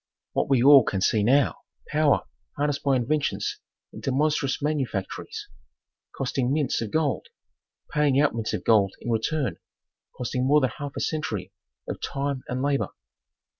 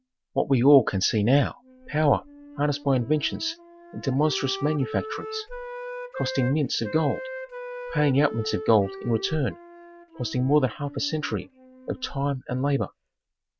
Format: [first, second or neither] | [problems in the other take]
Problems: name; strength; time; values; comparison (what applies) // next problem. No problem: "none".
first | background sound (Wind instrument, woodwind instrument); 13 dB below the speech